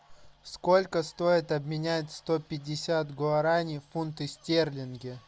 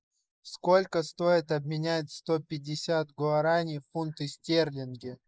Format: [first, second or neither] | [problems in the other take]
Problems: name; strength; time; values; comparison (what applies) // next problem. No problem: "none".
first | noise reduction (neural mask model Resemble Enhance denoiser)